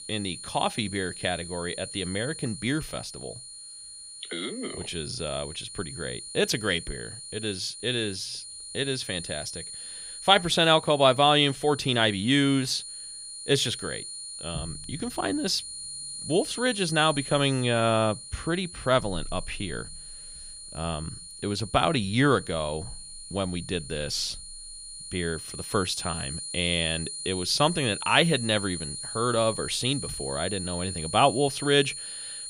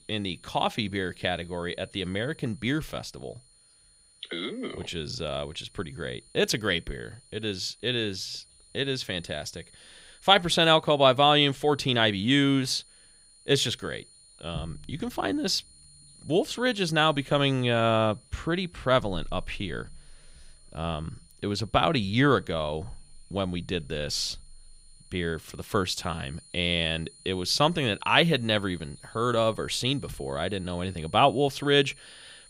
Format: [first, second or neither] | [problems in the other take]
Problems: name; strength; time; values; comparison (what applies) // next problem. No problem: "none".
second | high-pitched whine; loud; throughout; 9.5 kHz, 10 dB below the speech; faint in the second